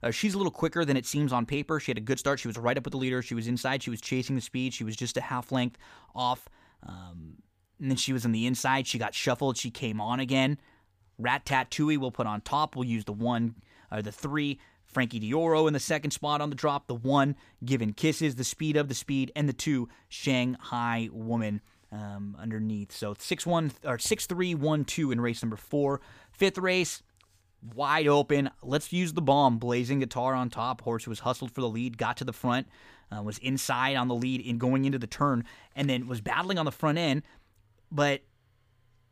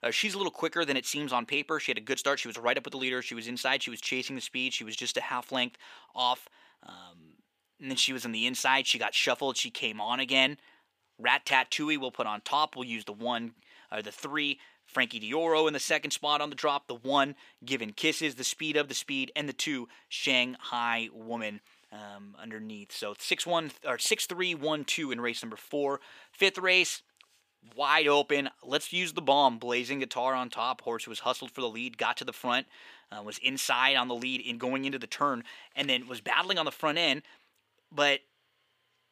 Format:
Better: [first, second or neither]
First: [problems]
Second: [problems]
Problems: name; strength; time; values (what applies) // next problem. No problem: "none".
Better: first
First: none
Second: thin; somewhat; fading below 350 Hz